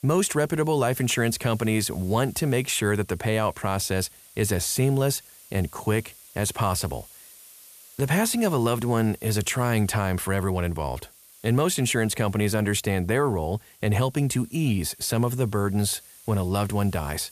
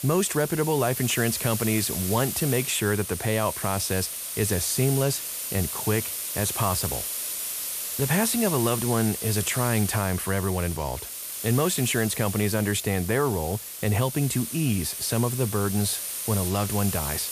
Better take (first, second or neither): first